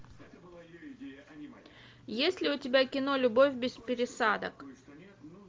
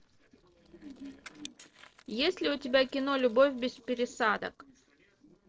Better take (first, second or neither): first